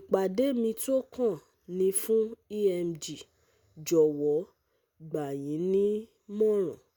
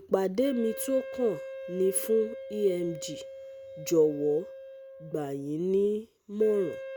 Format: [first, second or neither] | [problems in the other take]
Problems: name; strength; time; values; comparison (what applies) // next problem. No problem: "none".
first | background sound (Wind instrument, woodwind instrument); 13 dB below the speech